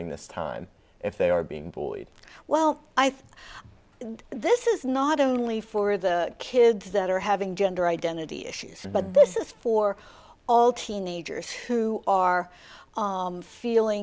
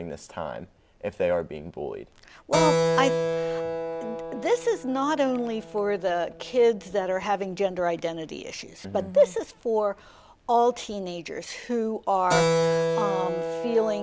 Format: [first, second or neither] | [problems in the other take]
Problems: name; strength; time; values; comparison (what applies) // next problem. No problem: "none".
first | background sound (Keyboard (musical)); 3 dB below the speech